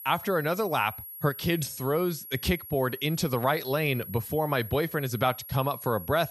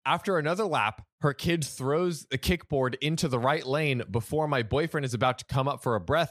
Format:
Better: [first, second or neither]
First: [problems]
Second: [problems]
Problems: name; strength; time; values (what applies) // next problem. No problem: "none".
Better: second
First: high-pitched whine; noticeable; throughout; 11.5 kHz, 10 dB below the speech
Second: none